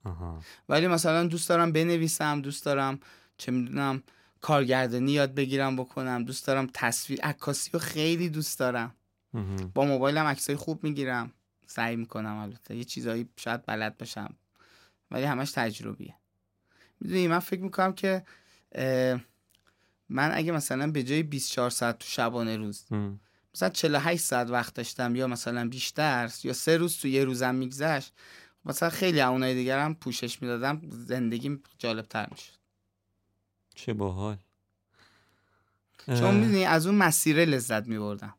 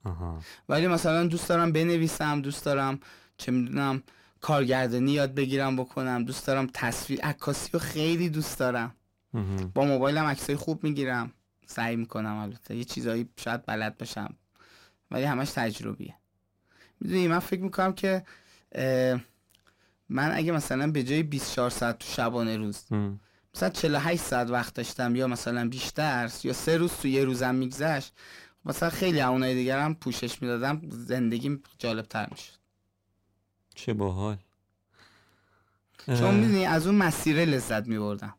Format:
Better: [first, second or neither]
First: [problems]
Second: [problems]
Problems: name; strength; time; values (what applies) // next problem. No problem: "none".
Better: first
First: none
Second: distortion; slight; 9 dB below the speech